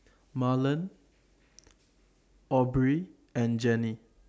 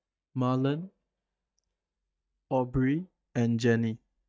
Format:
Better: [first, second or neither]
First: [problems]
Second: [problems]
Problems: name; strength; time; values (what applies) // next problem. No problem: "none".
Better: first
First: none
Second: noise reduction (neural mask model DeepFilterNet 3)